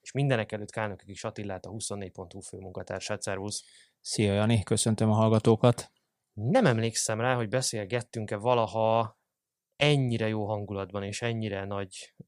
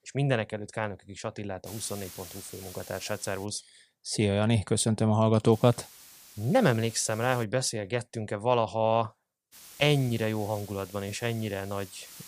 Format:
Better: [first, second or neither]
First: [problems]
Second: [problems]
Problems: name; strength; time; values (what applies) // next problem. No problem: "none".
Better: first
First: none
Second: hiss; noticeable; from 1.5 to 3.5 s, from 5.5 to 7.5 s and from 9.5 s on; 20 dB below the speech